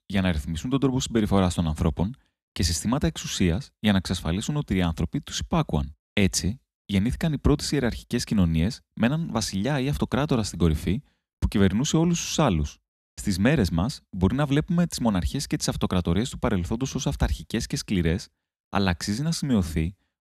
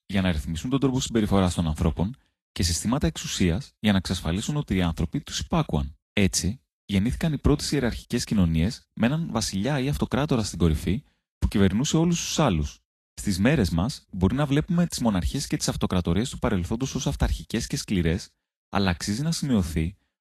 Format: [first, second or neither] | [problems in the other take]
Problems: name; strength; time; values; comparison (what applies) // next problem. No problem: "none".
first | garbled, watery; slightly; nothing above 13.5 kHz